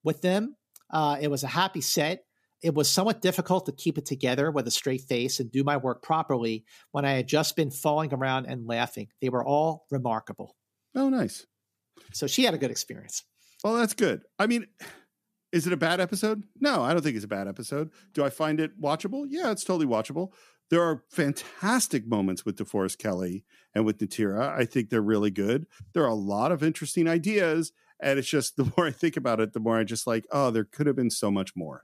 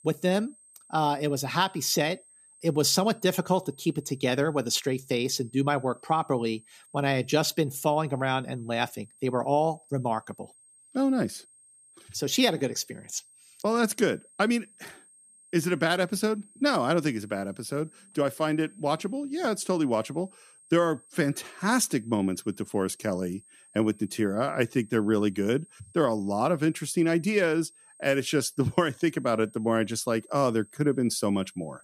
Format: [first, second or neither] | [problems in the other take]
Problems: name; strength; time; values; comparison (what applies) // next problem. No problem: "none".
first | high-pitched whine; faint; throughout; 8.5 kHz, 25 dB below the speech